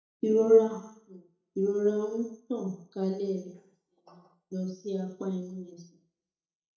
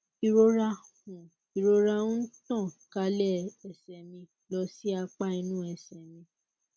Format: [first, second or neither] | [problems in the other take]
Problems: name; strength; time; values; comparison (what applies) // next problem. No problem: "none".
second | noise reduction (neural mask model DeepFilterNet 3)